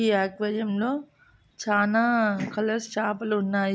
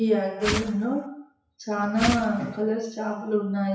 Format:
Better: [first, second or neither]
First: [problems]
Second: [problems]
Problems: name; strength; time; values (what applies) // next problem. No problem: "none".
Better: first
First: none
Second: noise reduction (classical method WPE with log-MMSE)